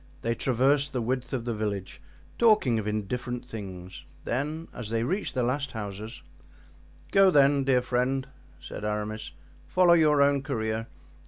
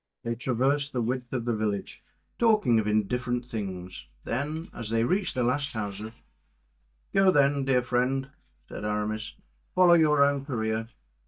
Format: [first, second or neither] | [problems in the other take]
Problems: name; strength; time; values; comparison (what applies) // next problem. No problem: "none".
first | noise reduction (neural mask model DeepFilterNet 3)